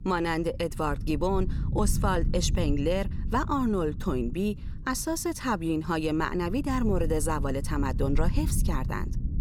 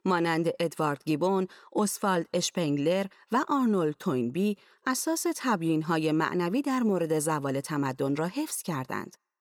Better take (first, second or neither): second